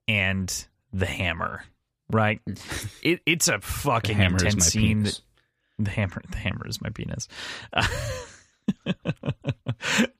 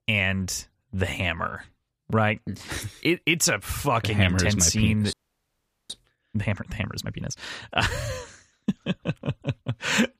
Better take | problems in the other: first | audio freezing; at 5 s for 1 s

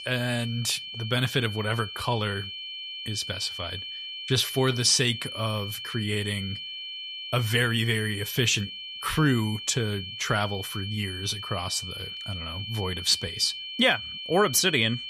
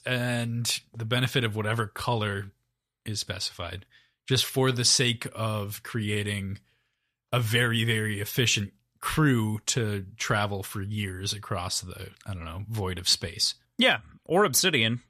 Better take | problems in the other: second | high-pitched whine; loud; throughout; 3 kHz, 8 dB below the speech

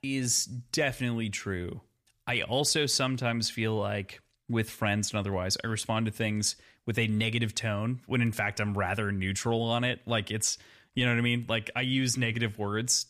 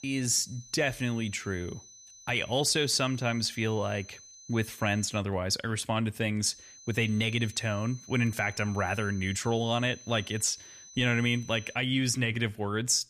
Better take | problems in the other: first | high-pitched whine; noticeable; until 5 s and from 6.5 to 12 s; 6 kHz, 20 dB below the speech

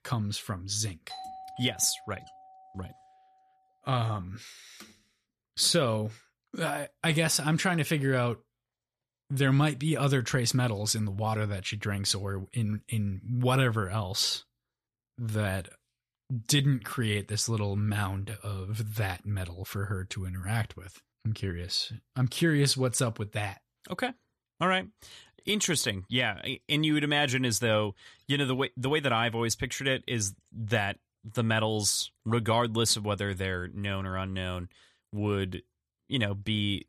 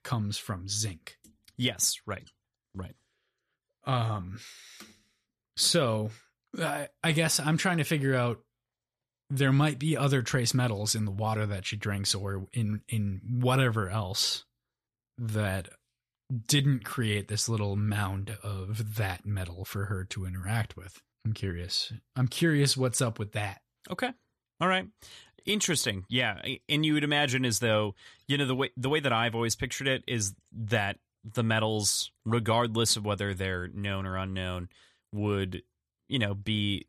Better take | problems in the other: second | doorbell; faint; from 1 to 3 s; peak 15 dB below the speech

